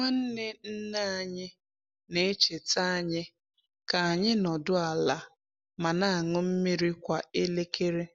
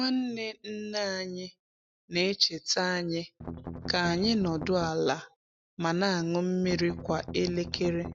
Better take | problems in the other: first | noise reduction (neural mask model RNNoise)

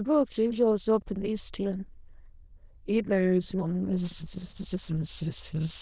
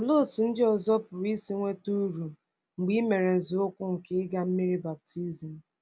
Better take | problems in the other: second | noise reduction (neural diffusion model UNIVERSE++)

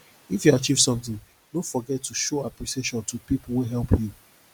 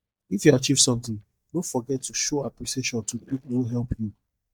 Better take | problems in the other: first | noise reduction (neural mask model DeepFilterNet 3)

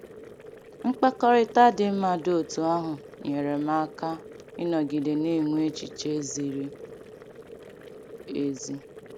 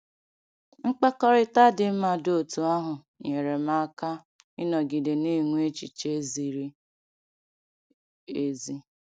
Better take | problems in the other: second | background sound (Boiling); 17 dB below the speech

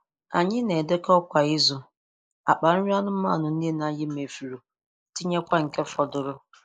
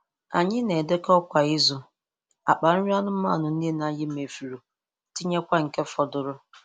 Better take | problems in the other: second | noise reduction (neural mask model Resemble Enhance denoiser)

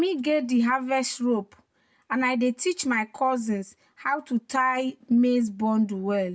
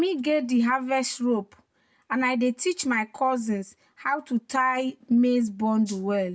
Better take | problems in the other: first | background sound (Rattle (instrument)); 19 dB below the speech

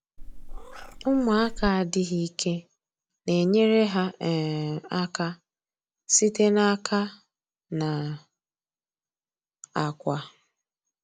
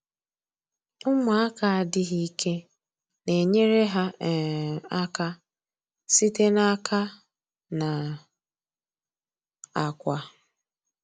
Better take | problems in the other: second | background sound (Meow); 9 dB below the speech

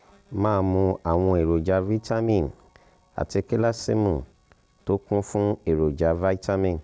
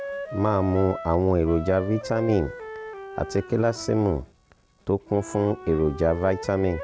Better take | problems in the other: first | background sound (Wind instrument, woodwind instrument); 13 dB below the speech

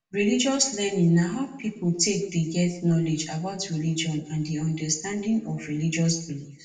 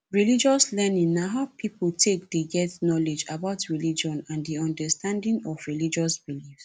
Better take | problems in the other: second | room echo; dies away in 0.6 s

